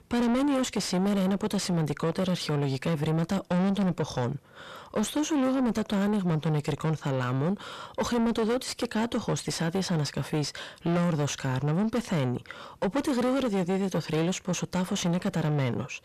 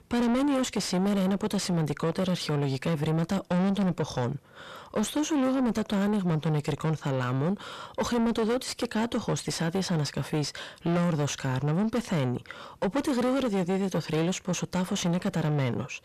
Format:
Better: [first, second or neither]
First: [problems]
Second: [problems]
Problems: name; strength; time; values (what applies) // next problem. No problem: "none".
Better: neither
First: distortion; heavy; 6 dB below the speech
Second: distortion; heavy; 6 dB below the speech